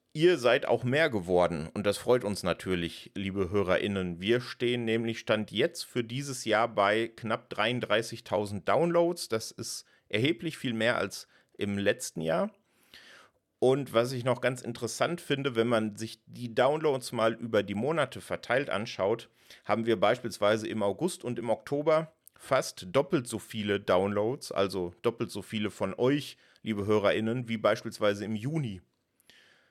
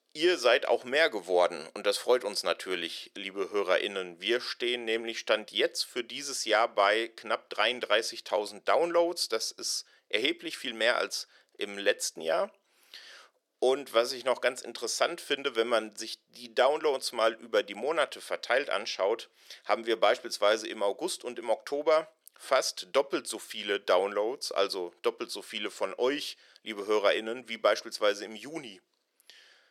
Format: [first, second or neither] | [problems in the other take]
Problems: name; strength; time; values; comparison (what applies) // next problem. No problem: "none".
first | thin; somewhat; fading below 400 Hz